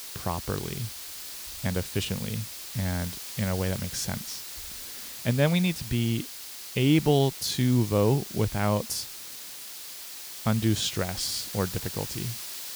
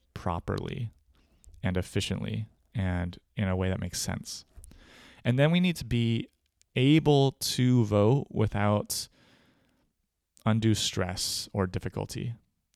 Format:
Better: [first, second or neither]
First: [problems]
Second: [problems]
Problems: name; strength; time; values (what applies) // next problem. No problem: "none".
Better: second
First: hiss; loud; throughout; 8 dB below the speech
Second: none